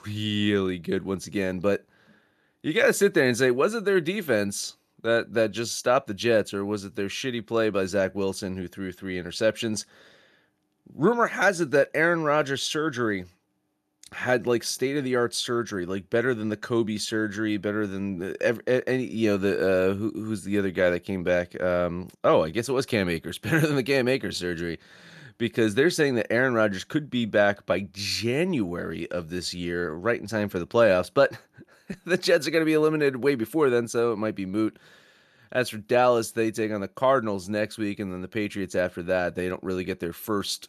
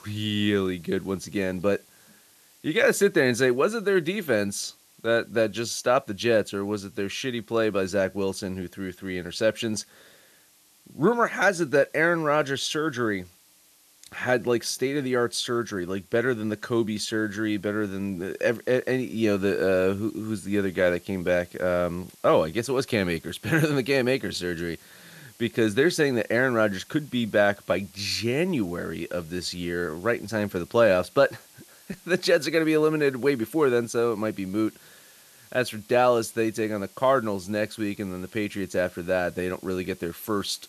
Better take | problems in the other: first | hiss; faint; throughout; 25 dB below the speech

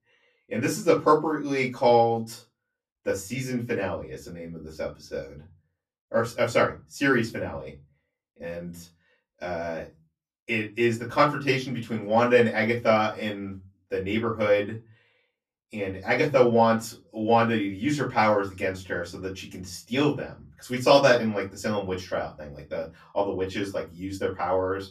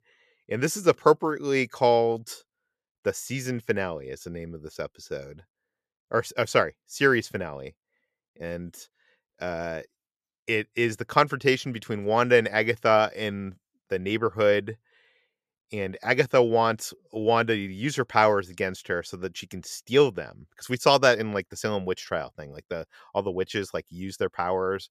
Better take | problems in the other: second | off-mic speech; far // room echo; very slight; dies away in 0.3 s

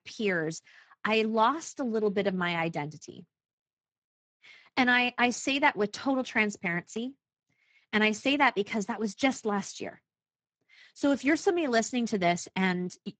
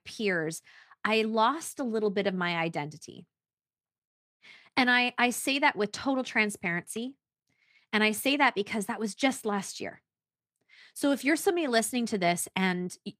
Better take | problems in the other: second | garbled, watery; badly; nothing above 7.5 kHz

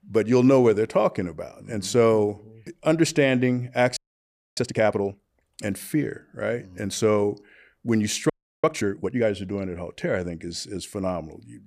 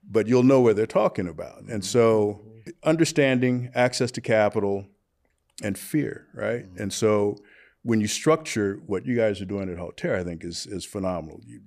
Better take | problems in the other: second | audio freezing; at 4 s for 0.5 s and at 8.5 s

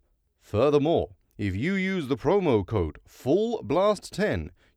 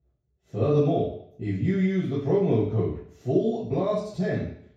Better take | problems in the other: first | room echo; noticeable; dies away in 0.6 s // off-mic speech; far

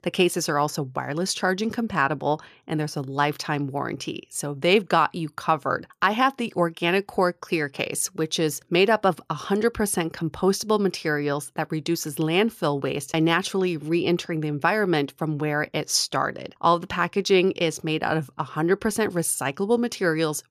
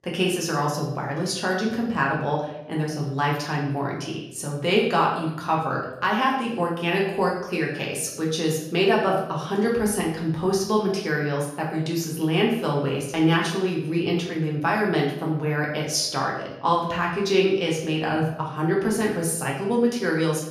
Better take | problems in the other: first | room echo; noticeable; dies away in 0.7 s // off-mic speech; far

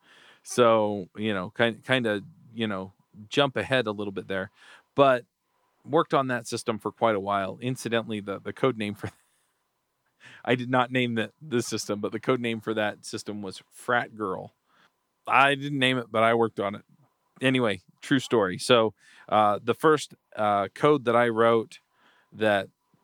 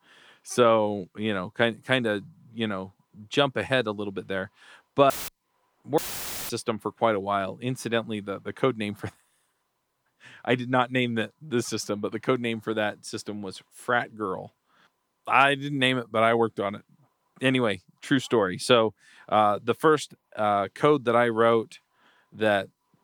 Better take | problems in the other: first | audio cutting out; filled with static; at 5 s and at 6 s for 0.5 s

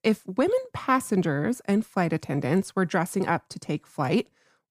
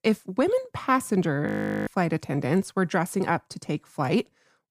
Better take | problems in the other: first | audio freezing; at 1.5 s

